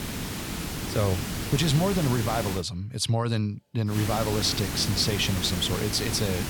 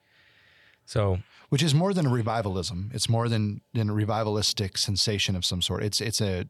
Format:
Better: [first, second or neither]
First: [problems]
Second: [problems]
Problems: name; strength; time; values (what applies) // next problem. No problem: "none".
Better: second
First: hiss; loud; until 2.5 s and from 4 s on; 5 dB below the speech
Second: none